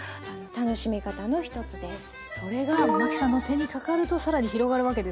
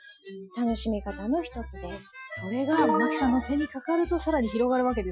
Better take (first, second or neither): first